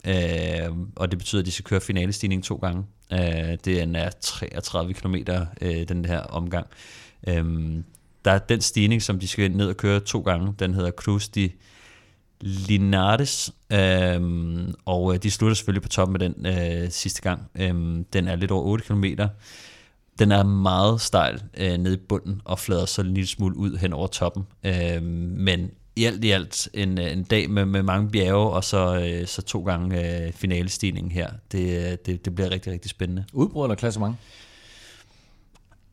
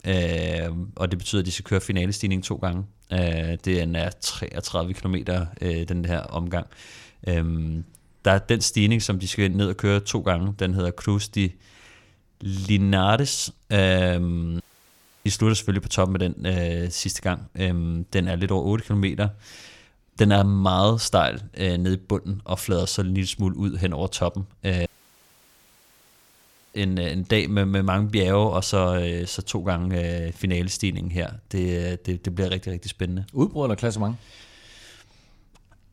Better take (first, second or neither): first